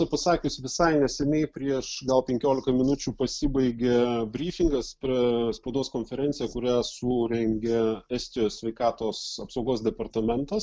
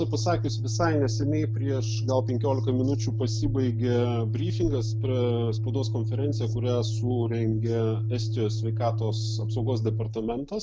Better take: first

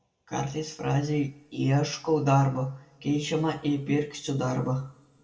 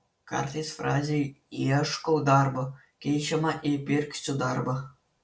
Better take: second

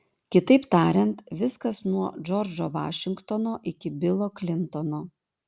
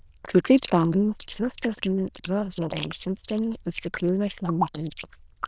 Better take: first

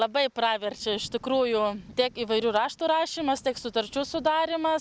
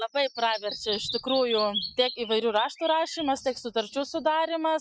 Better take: first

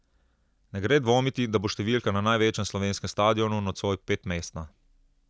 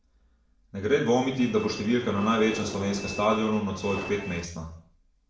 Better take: first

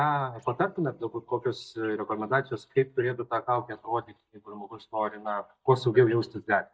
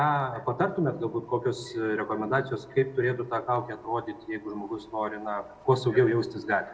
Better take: second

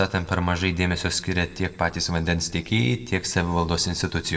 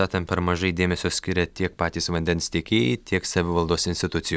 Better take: second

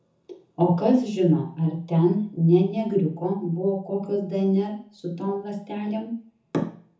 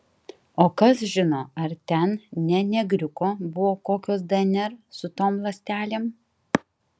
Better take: second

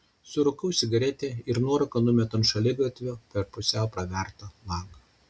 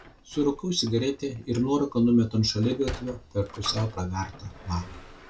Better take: first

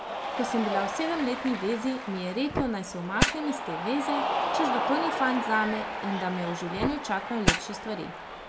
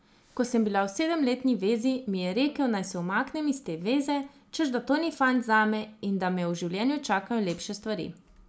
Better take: second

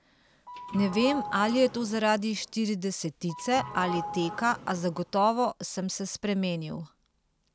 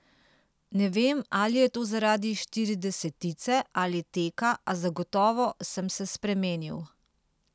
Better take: second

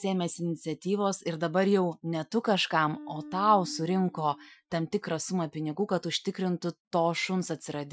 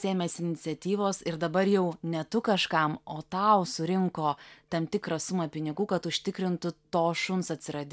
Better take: second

